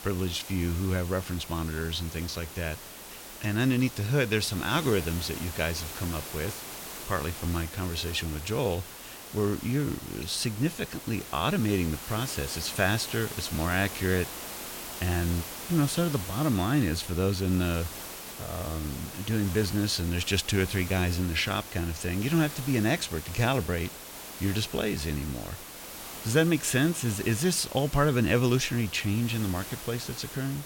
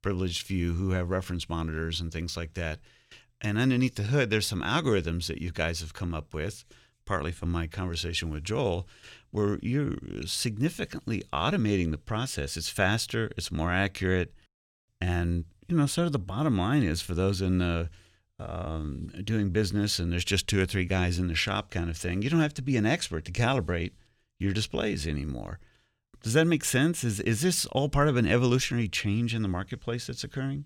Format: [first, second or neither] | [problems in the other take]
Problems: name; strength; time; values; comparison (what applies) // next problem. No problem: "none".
second | hiss; noticeable; throughout; 10 dB below the speech